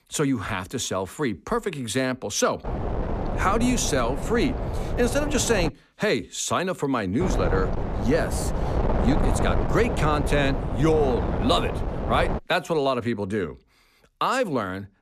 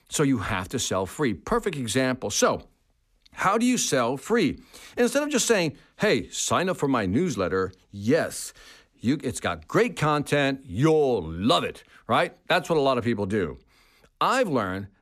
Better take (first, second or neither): second